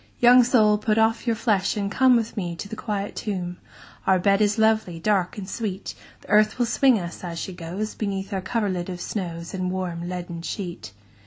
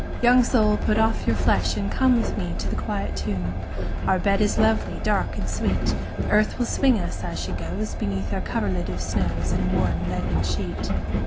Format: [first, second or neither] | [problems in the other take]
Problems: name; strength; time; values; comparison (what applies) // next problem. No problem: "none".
first | background sound (Train); 1 dB above the speech